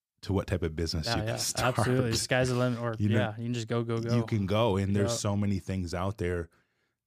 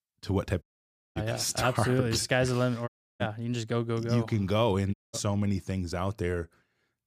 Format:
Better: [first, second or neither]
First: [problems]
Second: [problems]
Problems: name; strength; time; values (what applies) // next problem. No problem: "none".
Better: first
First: none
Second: audio cutting out; at 0.5 s for 0.5 s, at 3 s and at 5 s